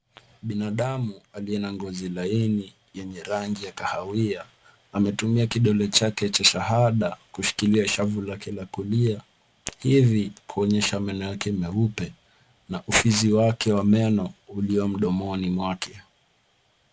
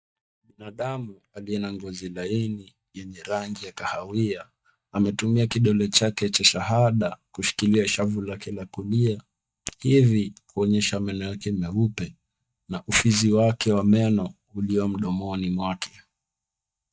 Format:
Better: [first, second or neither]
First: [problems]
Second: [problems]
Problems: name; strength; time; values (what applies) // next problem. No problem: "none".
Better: first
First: none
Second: noise reduction (neural mask model DeepFilterNet 3)